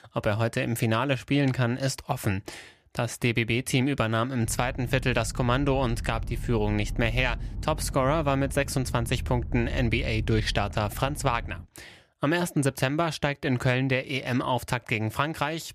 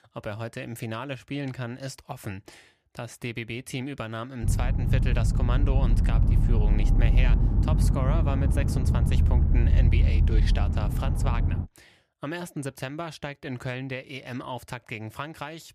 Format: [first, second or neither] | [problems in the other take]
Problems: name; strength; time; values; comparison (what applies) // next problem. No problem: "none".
first | low rumble; loud; from 4.5 to 12 s; 3 dB below the speech; faint in the first